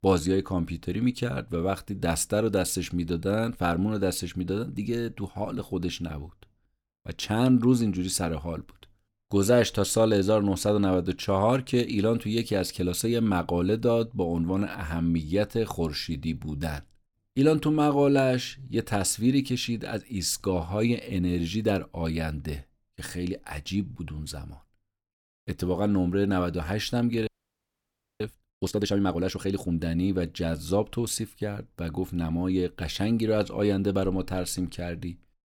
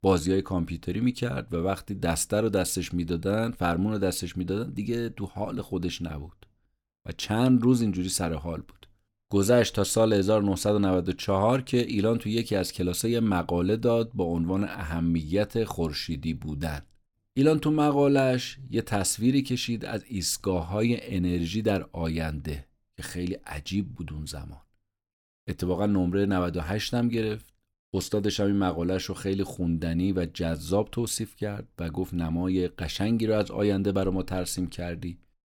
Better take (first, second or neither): second